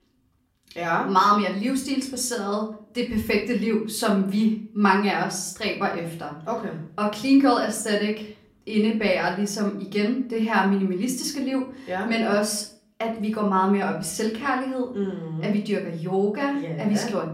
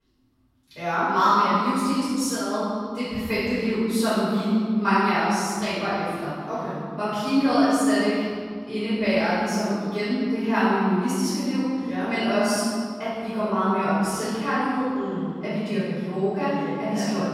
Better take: first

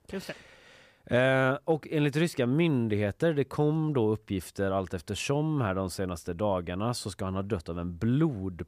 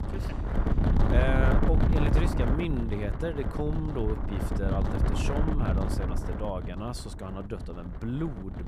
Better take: first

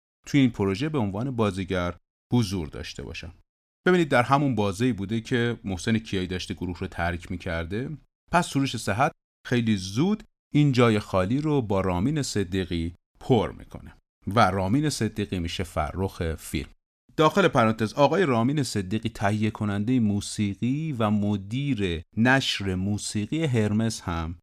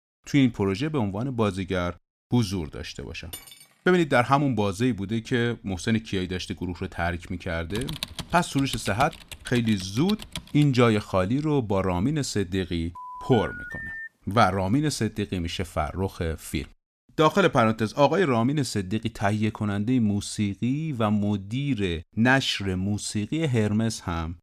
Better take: first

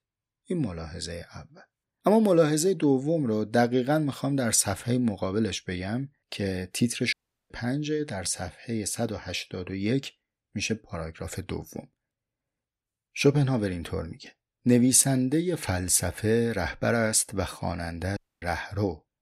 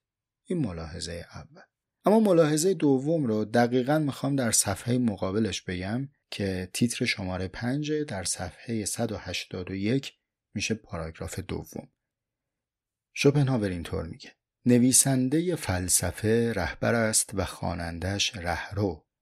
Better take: second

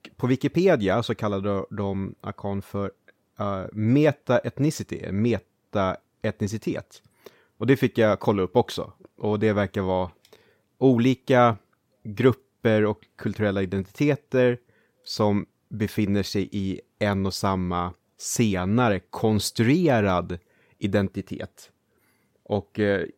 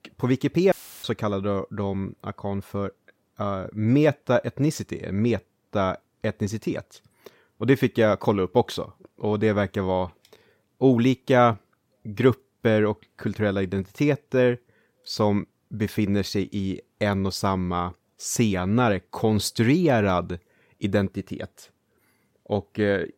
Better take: first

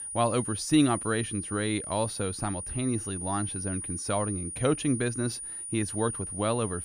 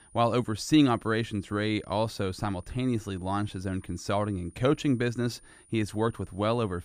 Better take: second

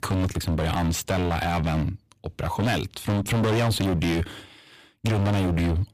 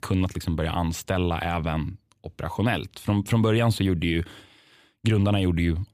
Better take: second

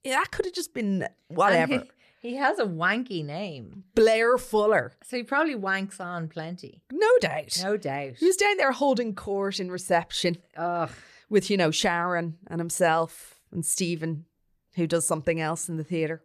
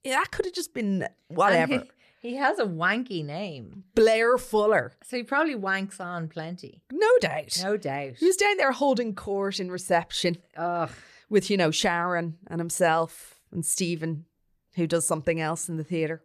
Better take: neither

